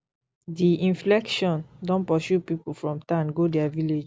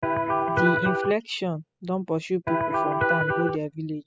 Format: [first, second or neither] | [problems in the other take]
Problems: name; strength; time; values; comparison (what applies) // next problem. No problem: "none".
first | noise reduction (classical method spectral subtraction)